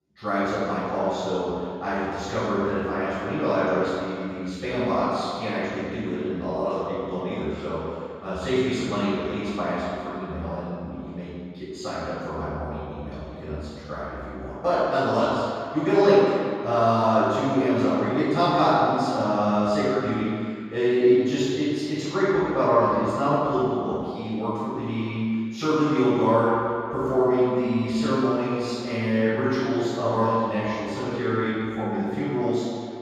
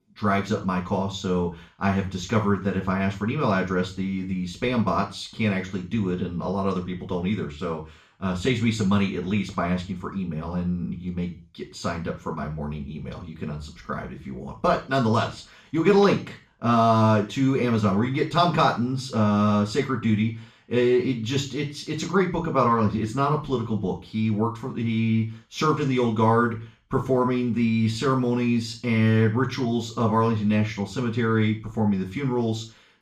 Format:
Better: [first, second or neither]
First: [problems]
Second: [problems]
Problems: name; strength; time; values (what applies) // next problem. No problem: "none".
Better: second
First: room echo; strong; dies away in 2.2 s // off-mic speech; far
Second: room echo; slight; dies away in 0.3 s // off-mic speech; far